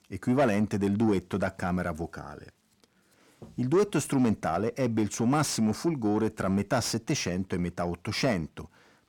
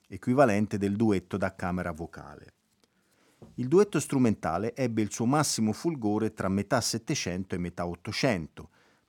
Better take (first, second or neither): second